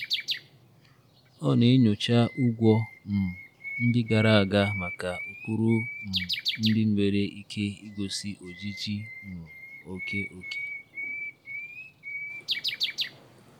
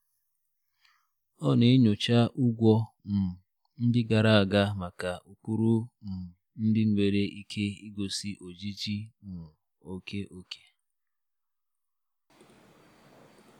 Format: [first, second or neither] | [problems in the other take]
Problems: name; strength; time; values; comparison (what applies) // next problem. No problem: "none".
second | background sound (Bird); 9 dB below the speech